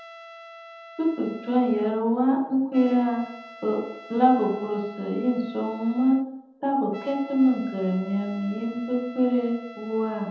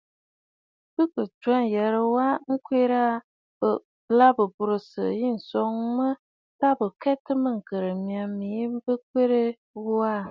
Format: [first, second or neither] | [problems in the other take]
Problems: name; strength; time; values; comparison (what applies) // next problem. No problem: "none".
second | background sound (Trumpet); 19 dB below the speech // room echo; dies away in 0.9 s